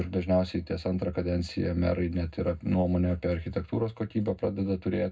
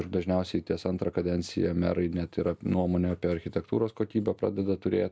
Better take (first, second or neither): second